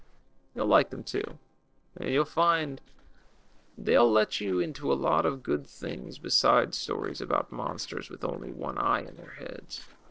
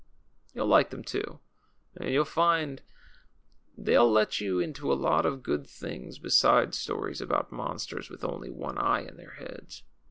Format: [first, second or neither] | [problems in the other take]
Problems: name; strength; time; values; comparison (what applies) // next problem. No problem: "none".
second | noise reduction (neural separator model SepFormer DNS4)